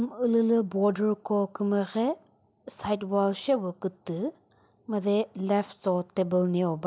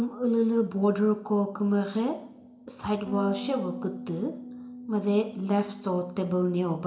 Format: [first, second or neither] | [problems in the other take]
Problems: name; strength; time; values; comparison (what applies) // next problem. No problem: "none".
first | background sound (Bass guitar); 15 dB below the speech // room echo; dies away in 0.8 s